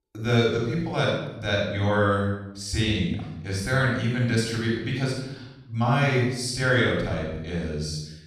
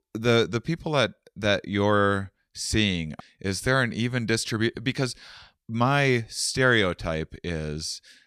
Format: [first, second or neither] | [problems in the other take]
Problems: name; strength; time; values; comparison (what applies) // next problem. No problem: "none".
second | off-mic speech; far // room echo; noticeable; dies away in 0.9 s